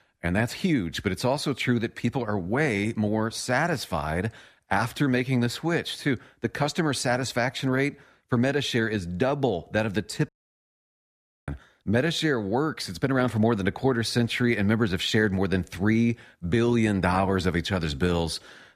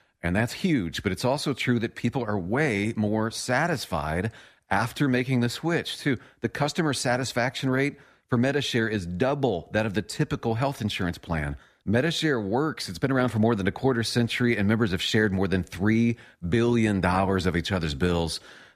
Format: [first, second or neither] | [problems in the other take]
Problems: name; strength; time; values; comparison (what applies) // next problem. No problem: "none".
second | audio cutting out; at 10 s for 1 s